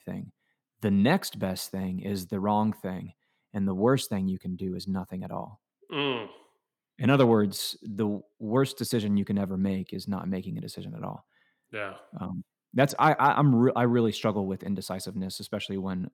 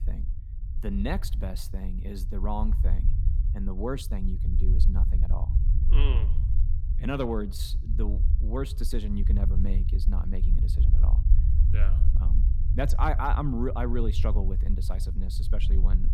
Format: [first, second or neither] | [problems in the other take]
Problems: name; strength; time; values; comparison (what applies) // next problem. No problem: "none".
first | low rumble; noticeable; throughout; 10 dB below the speech